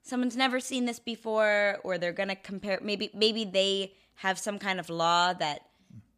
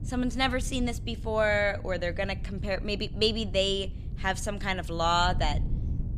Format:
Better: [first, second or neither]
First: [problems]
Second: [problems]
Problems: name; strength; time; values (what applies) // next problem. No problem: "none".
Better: first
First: none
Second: wind noise on the microphone; occasional gusts; 20 dB below the speech